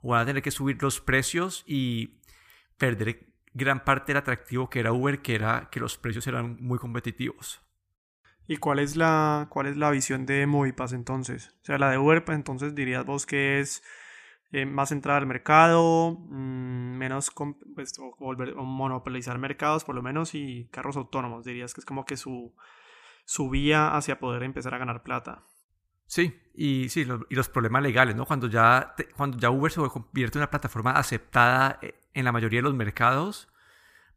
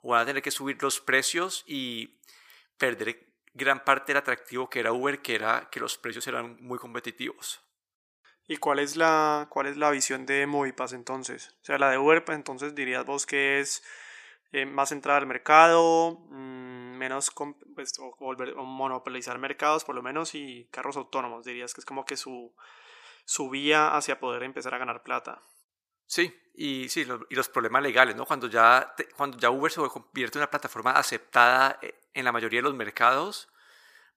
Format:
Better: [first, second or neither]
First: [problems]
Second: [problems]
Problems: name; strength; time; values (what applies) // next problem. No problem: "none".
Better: first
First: none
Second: thin; somewhat; fading below 450 Hz